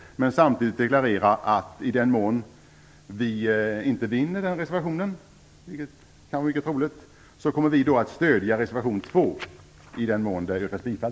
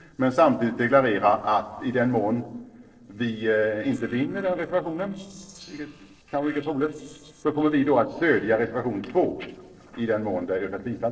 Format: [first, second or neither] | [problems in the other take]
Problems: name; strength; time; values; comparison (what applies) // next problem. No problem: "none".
first | noise reduction (neural separator model SepFormer DNS4)